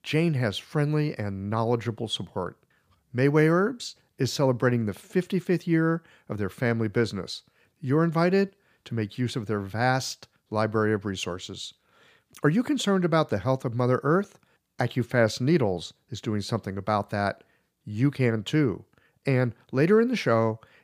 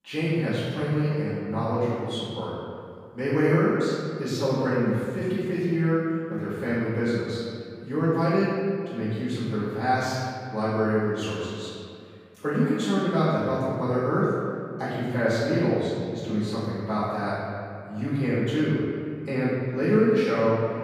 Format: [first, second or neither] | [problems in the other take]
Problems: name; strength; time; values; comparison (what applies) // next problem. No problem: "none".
first | off-mic speech; far // room echo; strong; dies away in 2 s